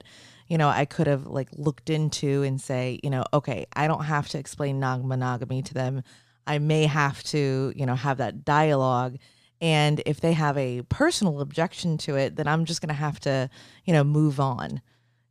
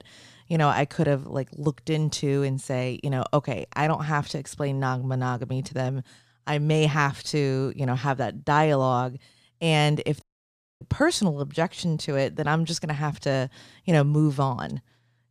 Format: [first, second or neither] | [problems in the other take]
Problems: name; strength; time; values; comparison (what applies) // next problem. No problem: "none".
first | audio cutting out; at 10 s for 0.5 s